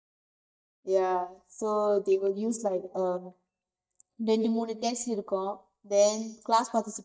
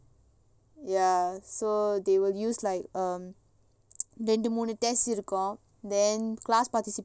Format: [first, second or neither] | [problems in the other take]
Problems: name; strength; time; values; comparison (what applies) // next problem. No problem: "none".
second | noise reduction (neural mask model DeepFilterNet 3)